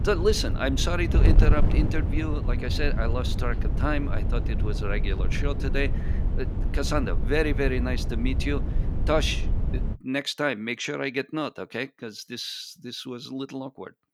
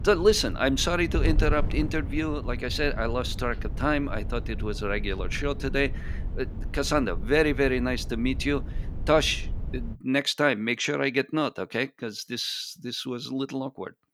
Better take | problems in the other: second | wind noise on the microphone; heavy; until 10 s; 10 dB below the speech; occasional gusts in the second

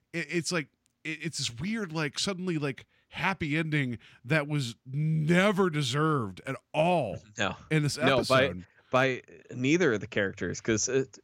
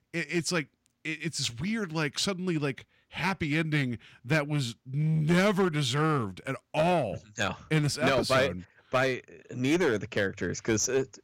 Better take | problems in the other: first | distortion; slight; 4% of the sound clipped

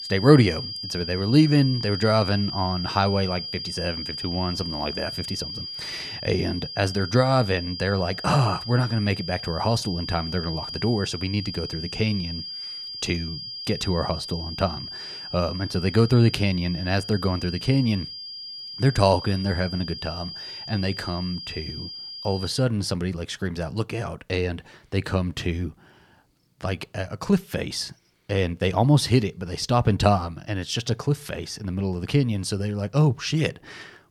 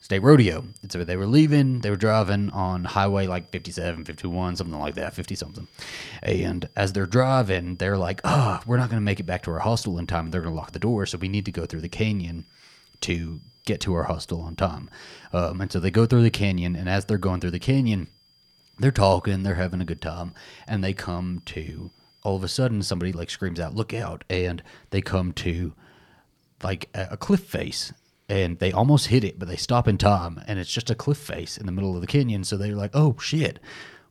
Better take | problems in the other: second | high-pitched whine; loud; until 23 s; 5 kHz, 8 dB below the speech; faint in the second

